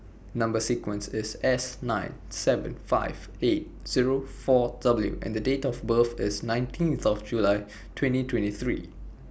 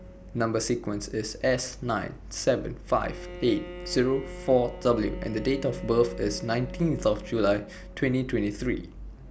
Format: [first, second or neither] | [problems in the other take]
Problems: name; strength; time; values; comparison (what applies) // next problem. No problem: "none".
first | background sound (Bowed string instrument); 17 dB below the speech